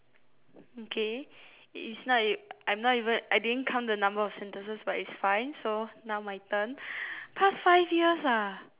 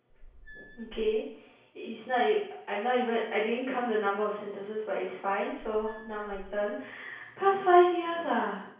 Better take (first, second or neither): first